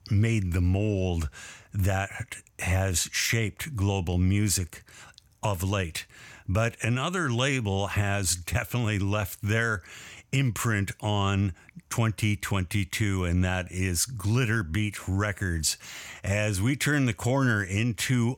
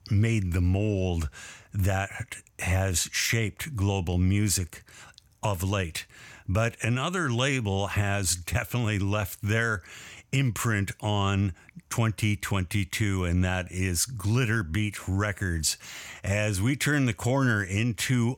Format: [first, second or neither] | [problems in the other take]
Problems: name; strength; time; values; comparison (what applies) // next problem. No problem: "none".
neither | none